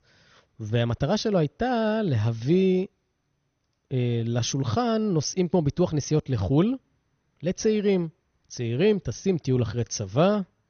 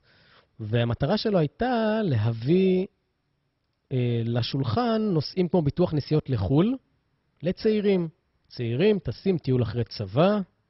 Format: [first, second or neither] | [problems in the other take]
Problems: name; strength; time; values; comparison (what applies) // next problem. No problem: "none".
first | garbled, watery; badly; nothing above 5.5 kHz; slightly in the first